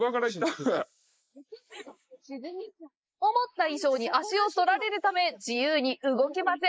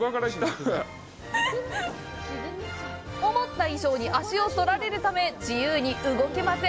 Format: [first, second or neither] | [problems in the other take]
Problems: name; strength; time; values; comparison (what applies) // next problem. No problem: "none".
second | noise reduction (neural mask model Resemble Enhance denoiser)